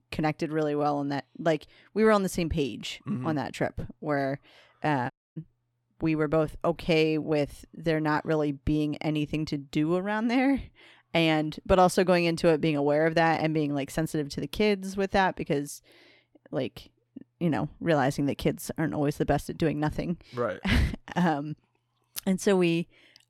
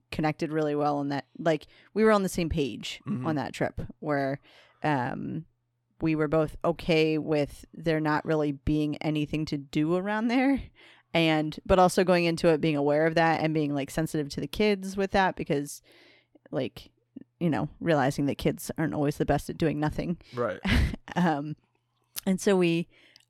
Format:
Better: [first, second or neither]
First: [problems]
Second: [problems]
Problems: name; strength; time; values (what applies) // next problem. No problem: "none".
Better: second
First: audio cutting out; at 5 s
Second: none